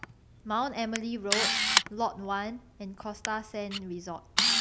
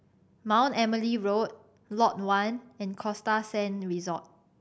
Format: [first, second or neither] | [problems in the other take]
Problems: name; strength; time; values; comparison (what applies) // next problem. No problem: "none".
second | background sound (Camera); 3 dB above the speech